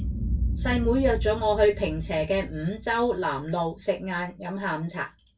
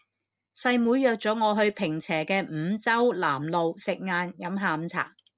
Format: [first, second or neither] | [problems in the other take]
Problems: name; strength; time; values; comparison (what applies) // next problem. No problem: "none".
second | background sound (Boom); 5 dB below the speech // room echo; dies away in 0.2 s